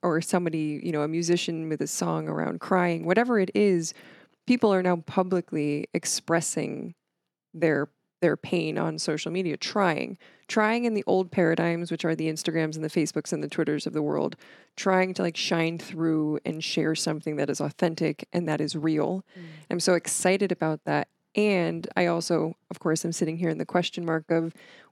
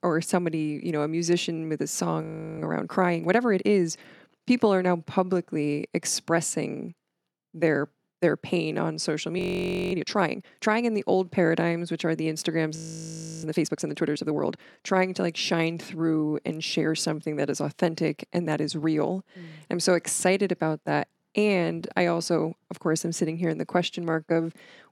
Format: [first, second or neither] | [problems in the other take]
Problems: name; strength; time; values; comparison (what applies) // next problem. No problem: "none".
first | audio freezing; at 2 s, at 9.5 s for 0.5 s and at 13 s for 0.5 s